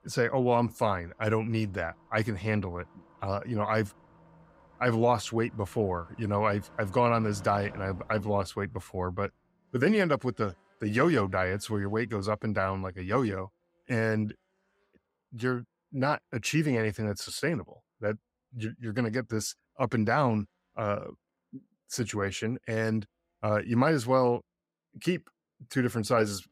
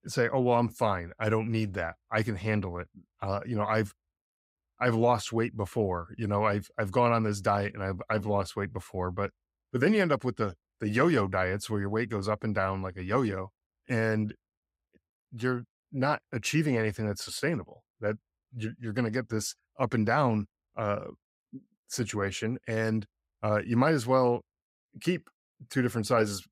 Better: second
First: traffic noise; faint; throughout; 25 dB below the speech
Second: none

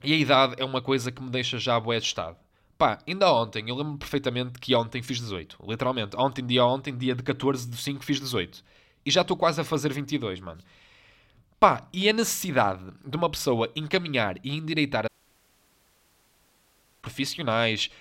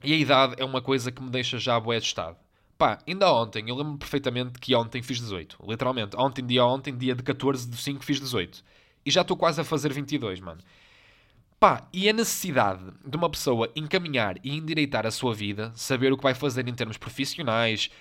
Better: second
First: audio cutting out; at 15 s for 2 s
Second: none

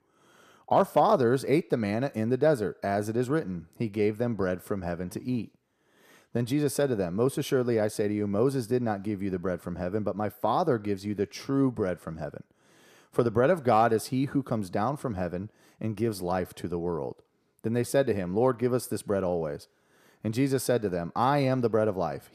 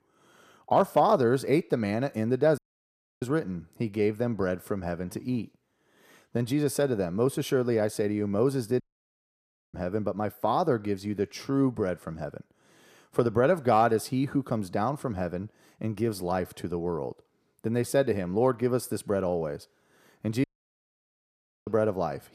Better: first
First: none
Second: audio cutting out; at 2.5 s for 0.5 s, at 9 s for 1 s and at 20 s for 1 s

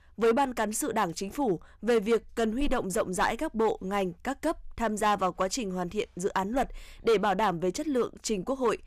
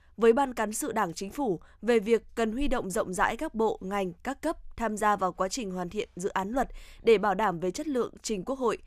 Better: second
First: distortion; slight; 4% of the sound clipped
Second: none

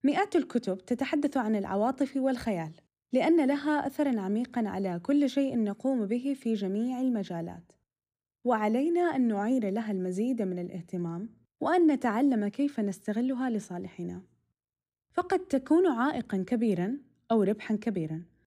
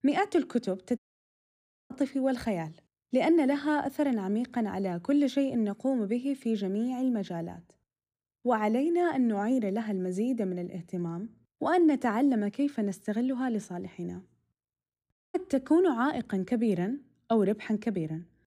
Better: first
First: none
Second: audio cutting out; at 1 s for 1 s and at 15 s

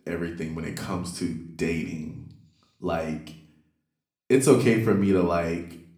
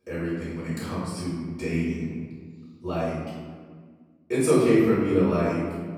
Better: first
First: room echo; slight; dies away in 0.5 s // off-mic speech; somewhat distant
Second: room echo; strong; dies away in 1.5 s // off-mic speech; far

